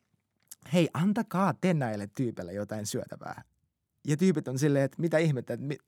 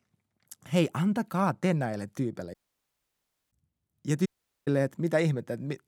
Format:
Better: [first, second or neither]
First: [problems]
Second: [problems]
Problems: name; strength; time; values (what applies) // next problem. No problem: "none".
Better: first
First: none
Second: audio cutting out; at 2.5 s for 1 s and at 4.5 s